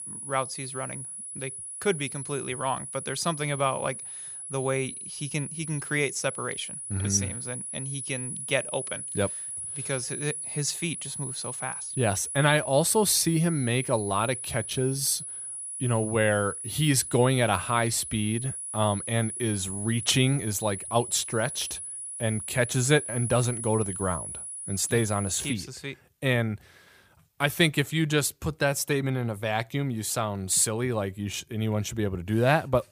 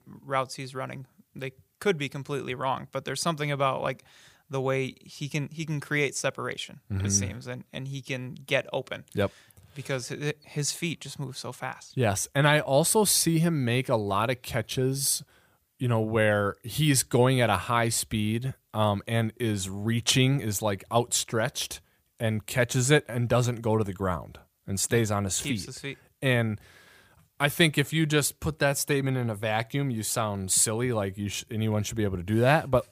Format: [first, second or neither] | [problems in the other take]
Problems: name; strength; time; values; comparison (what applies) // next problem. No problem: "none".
second | high-pitched whine; loud; until 26 s; 10 kHz, 7 dB below the speech